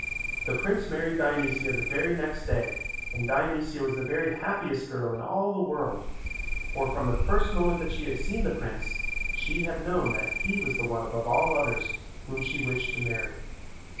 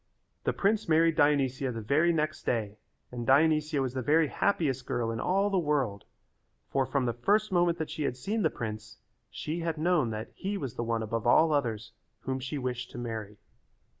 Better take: second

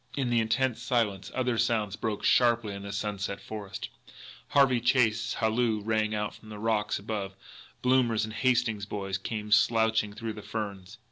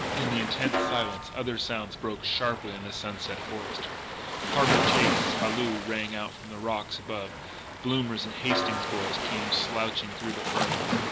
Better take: first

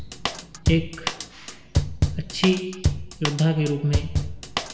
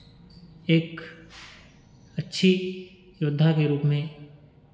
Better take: second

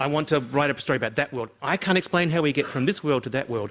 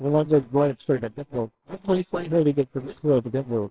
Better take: first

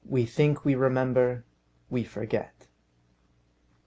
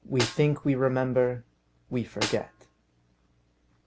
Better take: first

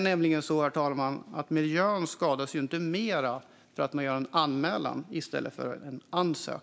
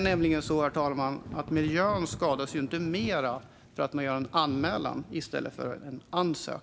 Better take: first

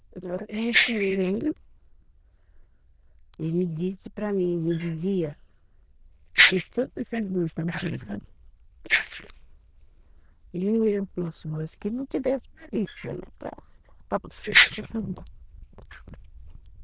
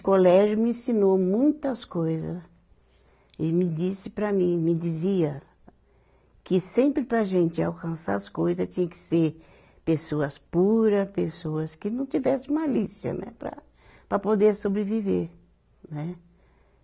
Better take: second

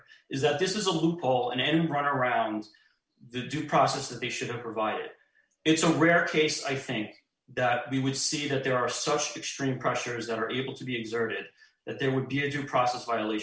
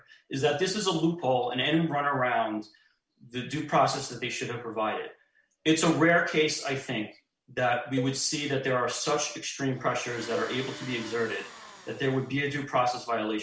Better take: first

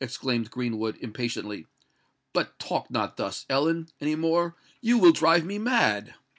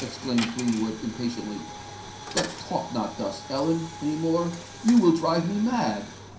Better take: first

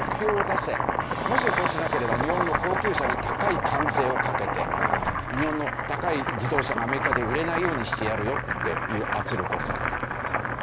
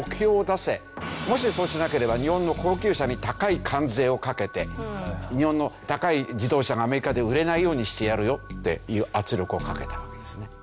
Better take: second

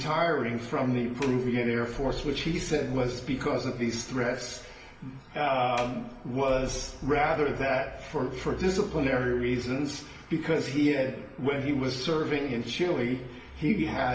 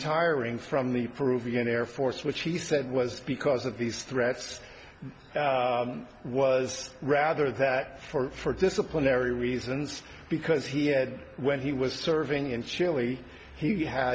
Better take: second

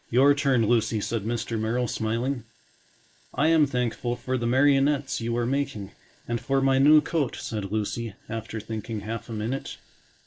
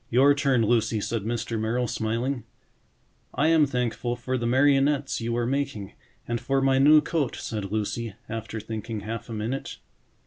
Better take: second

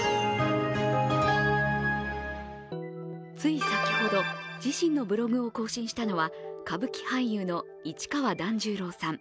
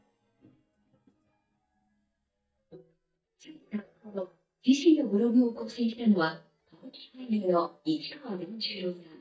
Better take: first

